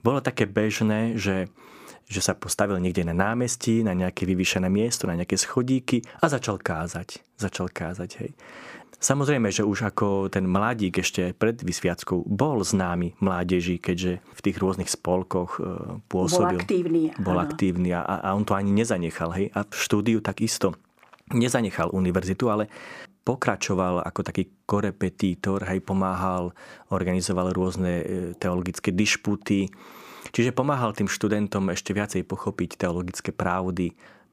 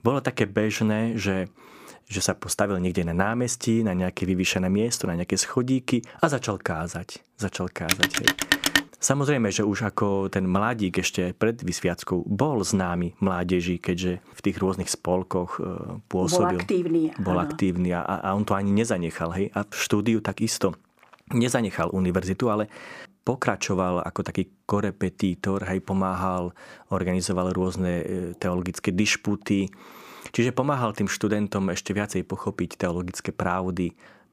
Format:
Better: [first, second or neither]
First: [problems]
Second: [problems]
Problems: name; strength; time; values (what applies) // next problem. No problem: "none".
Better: first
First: none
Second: phone ringing; loud; at 8 s; peak 5 dB above the speech